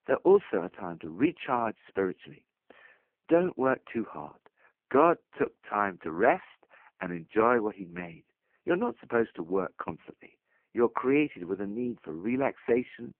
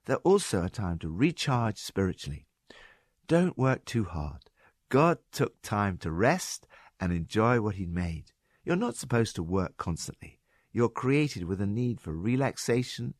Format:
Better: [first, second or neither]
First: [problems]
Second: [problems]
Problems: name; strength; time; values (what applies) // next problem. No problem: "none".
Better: second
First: phone-call audio; poor line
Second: none